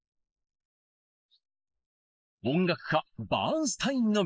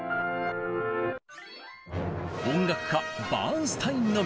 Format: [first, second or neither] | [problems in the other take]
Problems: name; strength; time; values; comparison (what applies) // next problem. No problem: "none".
second | noise reduction (neural mask model Resemble Enhance denoiser)